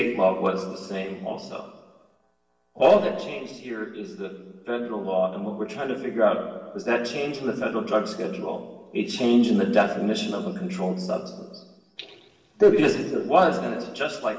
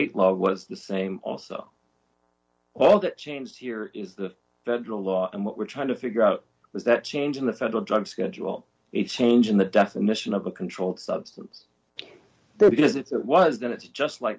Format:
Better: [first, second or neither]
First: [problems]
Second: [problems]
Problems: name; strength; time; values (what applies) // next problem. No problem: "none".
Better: second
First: room echo; dies away in 1.2 s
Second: none